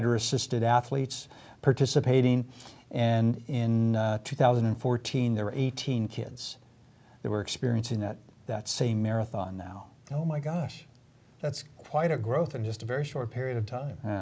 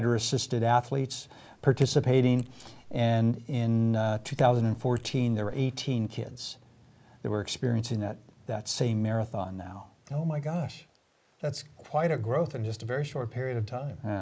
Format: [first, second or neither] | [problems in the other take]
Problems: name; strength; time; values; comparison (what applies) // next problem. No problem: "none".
first | noise reduction (neural mask model Resemble Enhance denoiser)